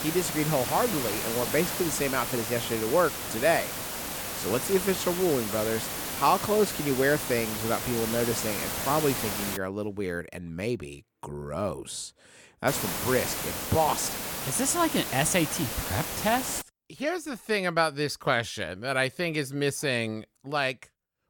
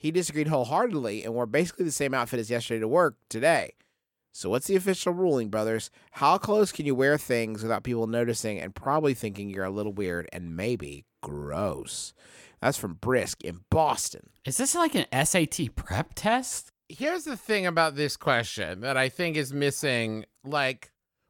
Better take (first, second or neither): second